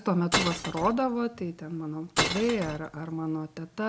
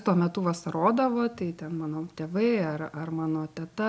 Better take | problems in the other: second | background sound (Glass); 2 dB below the speech

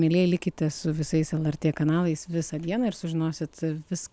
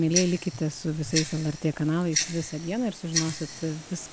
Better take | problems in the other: first | background sound (Tick-tock); 6 dB below the speech

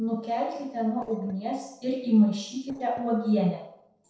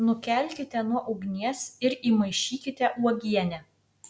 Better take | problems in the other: second | noise reduction (neural separator model SepFormer DNS4)

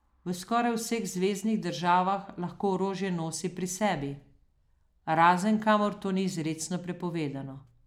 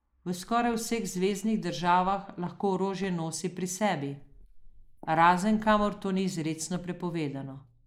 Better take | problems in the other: first | noise reduction (neural mask model Resemble Enhance denoiser)

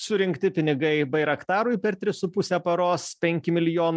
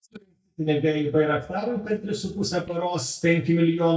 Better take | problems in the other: first | noise reduction (neural mask model DeepFilterNet 3)

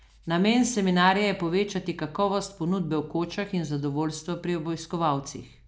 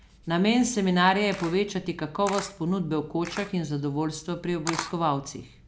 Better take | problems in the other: first | background sound (Camera); 15 dB below the speech

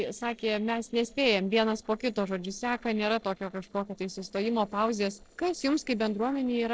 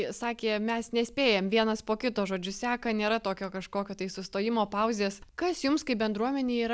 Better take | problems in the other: second | noise reduction (neural separator model SepFormer DNS4)

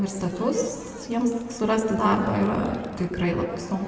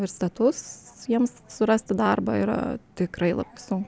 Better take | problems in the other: second | background sound (Crowd); 19 dB below the speech // room echo; dies away in 1.9 s

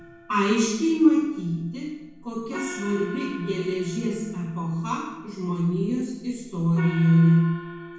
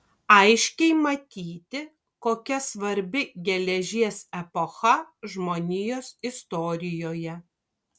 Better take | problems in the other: second | background sound (Gong); 16 dB below the speech // room echo; dies away in 1.1 s

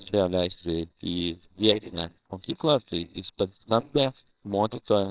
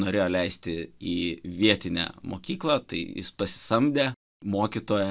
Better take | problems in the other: second | noise reduction (neural separator model SepFormer WHAMR!)

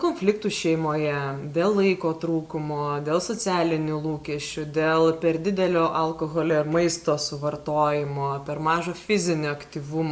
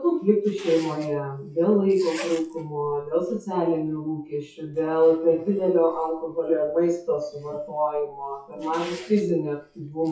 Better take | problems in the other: first | noise reduction (classical method WPE with log-MMSE)

